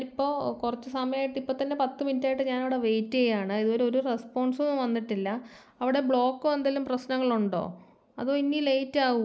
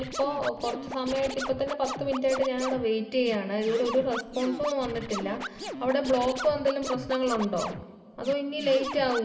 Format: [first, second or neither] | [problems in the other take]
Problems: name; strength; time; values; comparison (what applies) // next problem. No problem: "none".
first | background sound (Scratching (performance technique)); 10 dB below the speech // room echo; dies away in 2.6 s